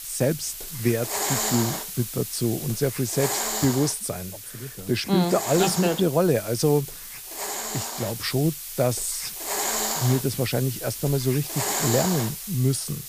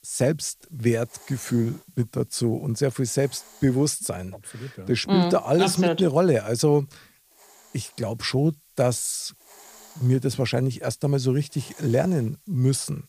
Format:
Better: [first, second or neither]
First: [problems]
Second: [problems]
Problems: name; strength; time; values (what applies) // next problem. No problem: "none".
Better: second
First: hiss; loud; throughout; 4 dB below the speech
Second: hiss; faint; throughout; 25 dB below the speech